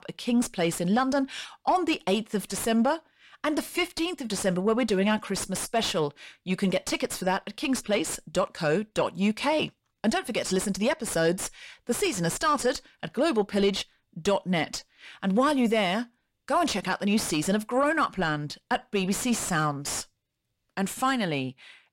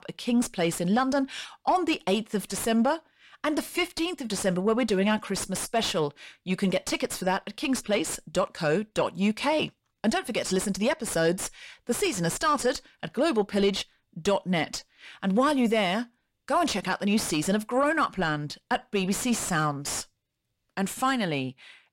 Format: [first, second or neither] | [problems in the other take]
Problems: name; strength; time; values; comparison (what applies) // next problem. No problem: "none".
neither | distortion; slight; 10 dB below the speech; the same in both